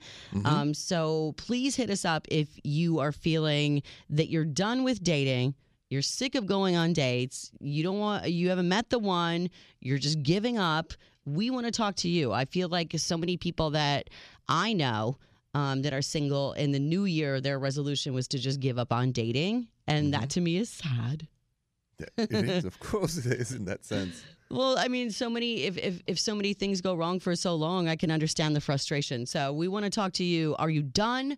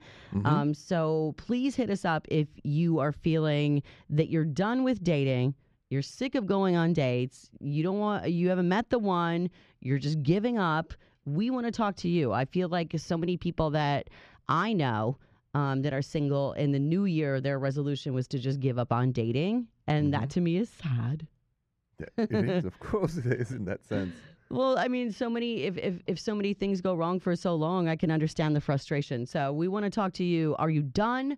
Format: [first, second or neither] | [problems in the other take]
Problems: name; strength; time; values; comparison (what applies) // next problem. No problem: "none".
first | muffled; slightly; fading above 3 kHz